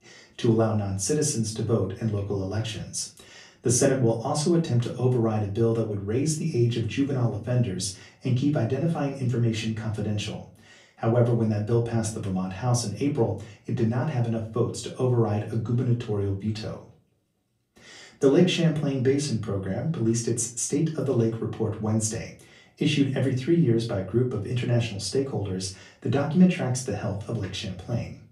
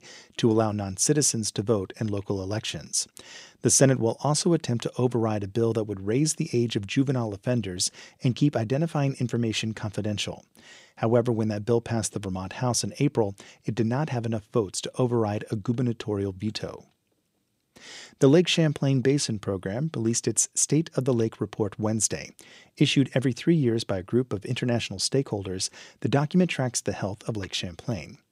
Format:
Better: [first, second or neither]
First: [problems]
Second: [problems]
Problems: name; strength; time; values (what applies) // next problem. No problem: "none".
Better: second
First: off-mic speech; far // room echo; slight; dies away in 0.3 s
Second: none